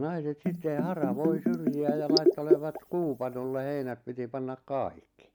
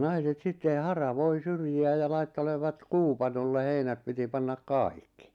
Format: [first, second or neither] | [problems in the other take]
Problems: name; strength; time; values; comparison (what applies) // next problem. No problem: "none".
second | background sound (Bathtub (filling or washing)); 3 dB above the speech